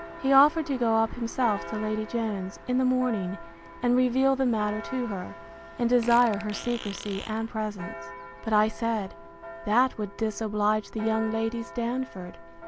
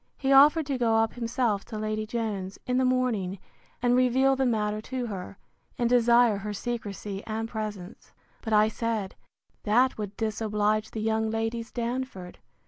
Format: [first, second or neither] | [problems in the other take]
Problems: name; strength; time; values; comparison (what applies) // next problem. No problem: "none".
second | background sound (Fart + Church bell); 14 dB below the speech